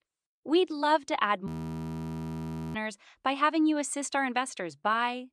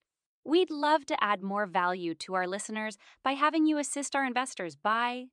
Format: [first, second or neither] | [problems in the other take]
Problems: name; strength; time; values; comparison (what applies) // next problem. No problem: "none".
second | audio freezing; at 1.5 s for 1.5 s